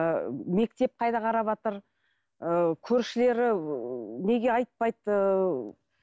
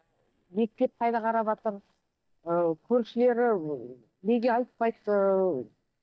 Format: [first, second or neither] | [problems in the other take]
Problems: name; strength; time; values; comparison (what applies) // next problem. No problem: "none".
first | noise reduction (neural mask model DeepFilterNet 3)